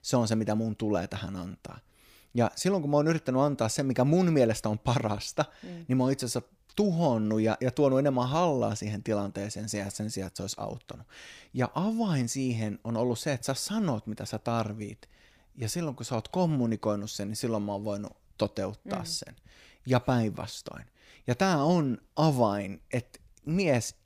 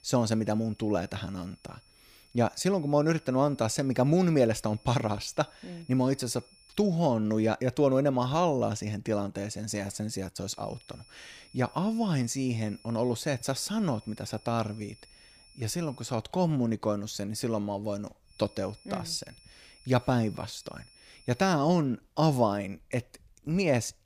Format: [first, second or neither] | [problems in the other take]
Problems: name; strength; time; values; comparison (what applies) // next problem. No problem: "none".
first | high-pitched whine; faint; until 7 s, from 10 to 16 s and from 18 to 21 s; 5.5 kHz, 25 dB below the speech